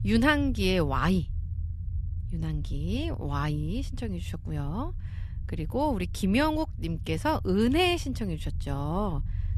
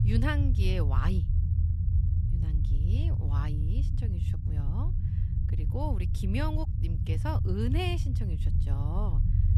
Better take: first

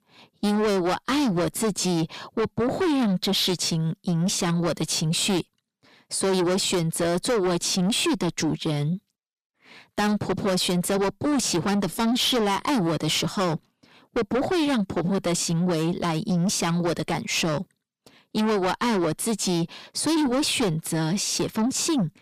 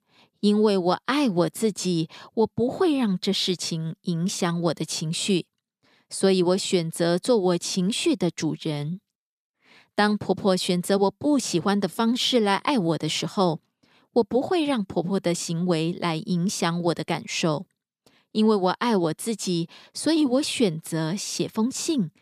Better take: second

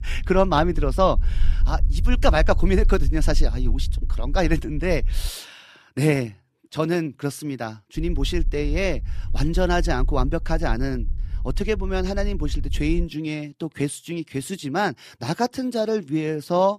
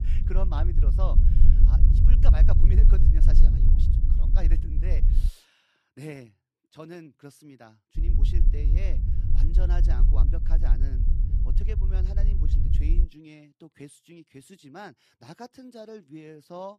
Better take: first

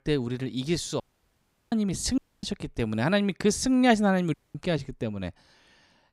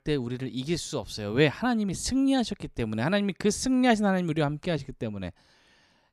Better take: second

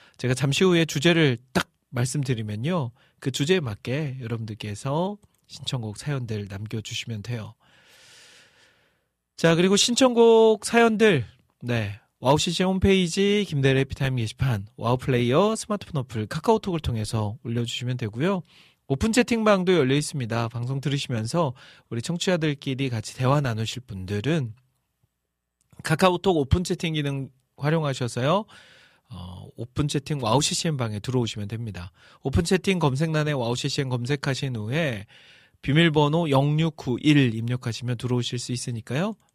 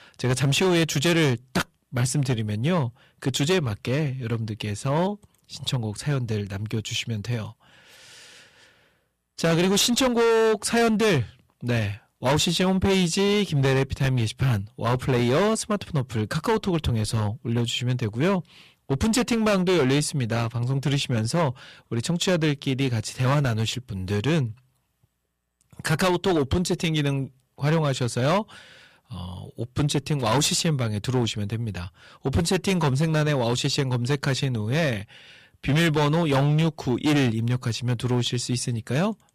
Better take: first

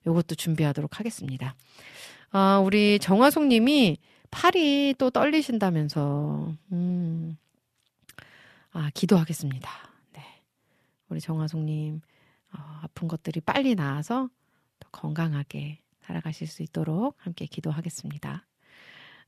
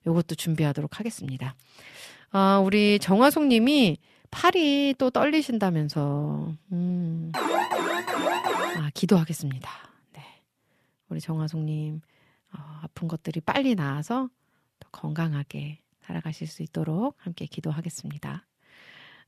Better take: first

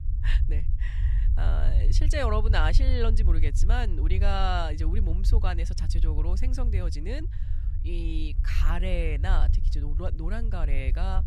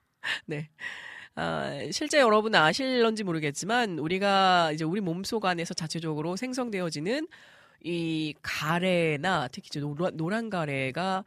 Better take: second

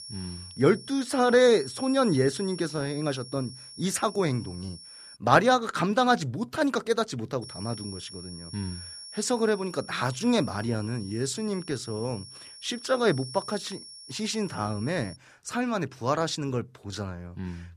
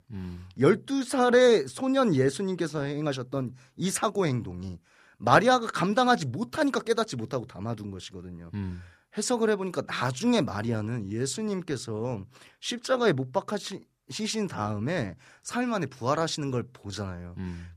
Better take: second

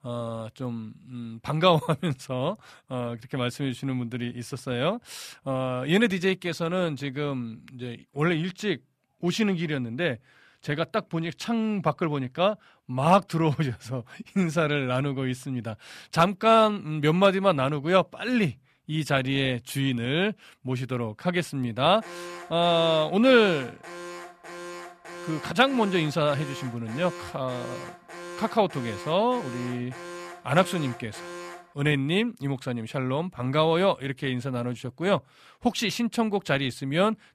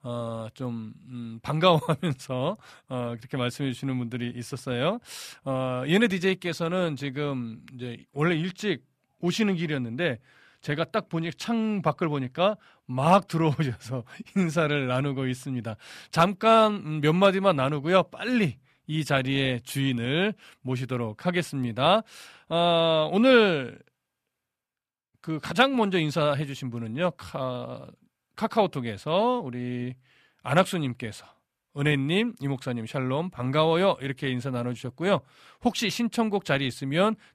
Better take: second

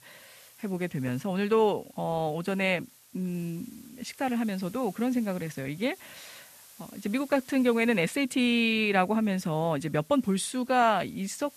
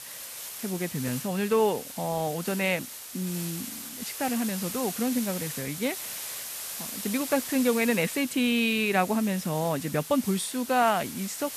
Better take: first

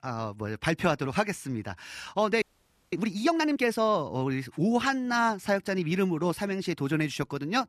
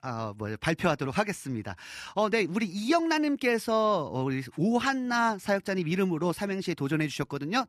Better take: second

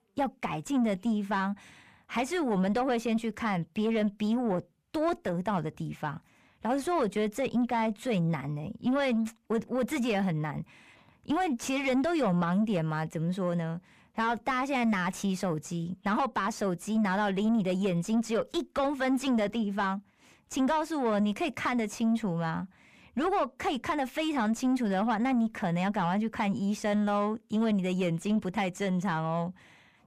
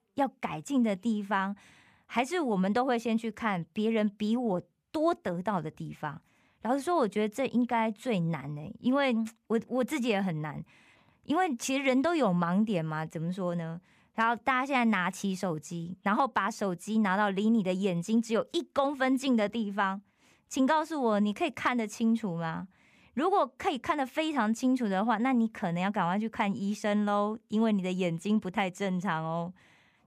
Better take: second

